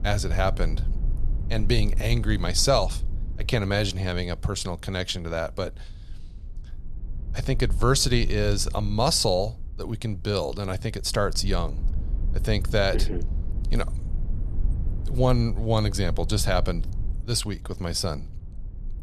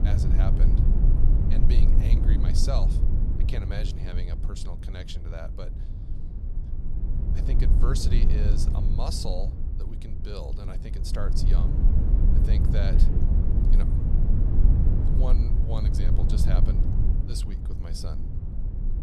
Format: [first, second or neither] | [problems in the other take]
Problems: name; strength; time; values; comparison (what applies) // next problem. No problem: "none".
first | low rumble; loud; throughout; 1 dB below the speech; faint in the first